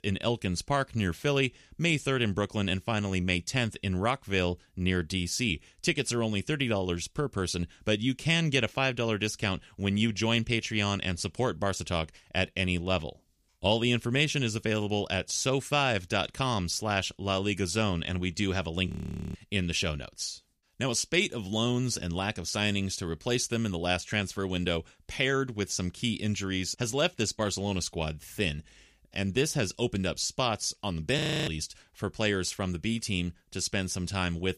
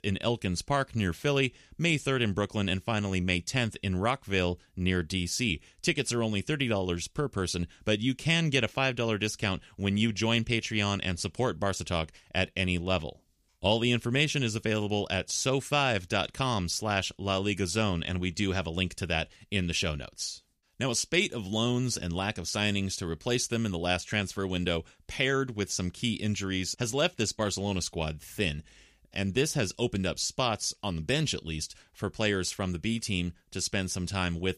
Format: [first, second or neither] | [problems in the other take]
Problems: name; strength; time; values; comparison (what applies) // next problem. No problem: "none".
second | audio freezing; at 19 s and at 31 s